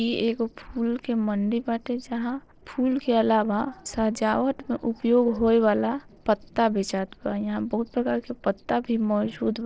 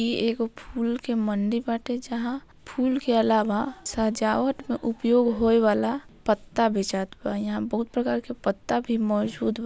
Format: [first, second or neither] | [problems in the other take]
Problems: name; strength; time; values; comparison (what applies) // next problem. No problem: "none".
second | noise reduction (neural separator model SepFormer DNS4)